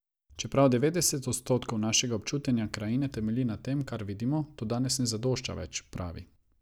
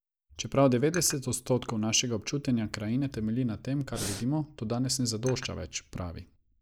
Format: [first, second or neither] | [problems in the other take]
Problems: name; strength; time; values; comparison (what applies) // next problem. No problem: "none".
first | noise reduction (neural mask model Resemble Enhance denoiser)